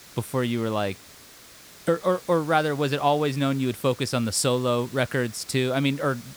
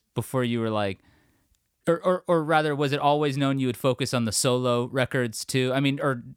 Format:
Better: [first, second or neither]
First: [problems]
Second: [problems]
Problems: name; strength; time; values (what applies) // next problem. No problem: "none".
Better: second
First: hiss; faint; throughout; 20 dB below the speech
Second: none